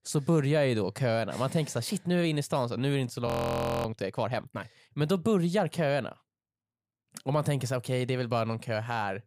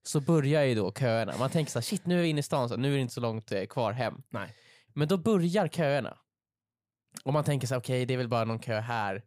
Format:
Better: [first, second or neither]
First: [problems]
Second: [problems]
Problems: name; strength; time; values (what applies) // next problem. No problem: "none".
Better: second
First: audio freezing; at 3.5 s for 0.5 s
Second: none